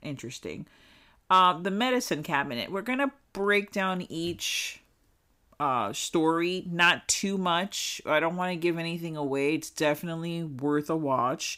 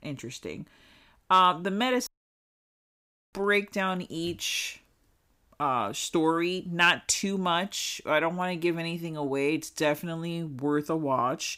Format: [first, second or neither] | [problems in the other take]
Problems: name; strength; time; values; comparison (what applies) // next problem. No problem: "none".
first | audio cutting out; at 2 s for 1.5 s